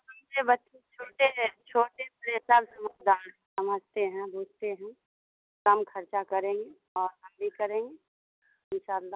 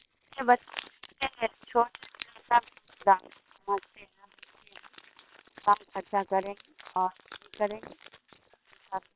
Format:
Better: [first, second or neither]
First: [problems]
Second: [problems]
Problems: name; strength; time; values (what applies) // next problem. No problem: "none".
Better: first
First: none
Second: noise reduction (neural separator model SepFormer WHAM!)